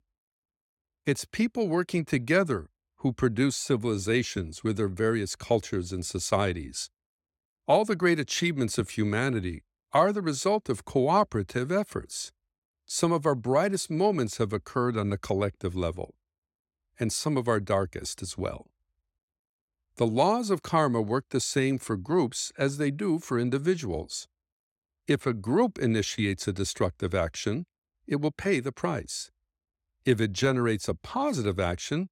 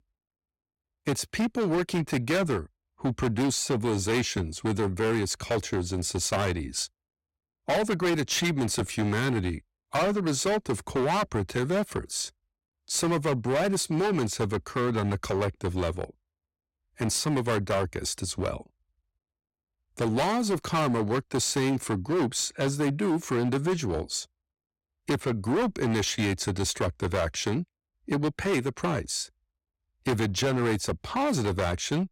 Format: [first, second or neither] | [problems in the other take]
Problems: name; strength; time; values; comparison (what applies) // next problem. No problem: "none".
first | distortion; heavy; 15% of the sound clipped